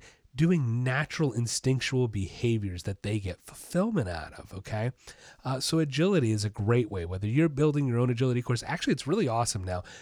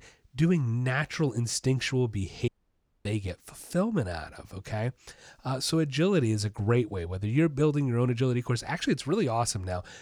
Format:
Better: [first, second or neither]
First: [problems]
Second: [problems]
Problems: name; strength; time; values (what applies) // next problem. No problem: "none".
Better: first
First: none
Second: audio cutting out; at 2.5 s for 0.5 s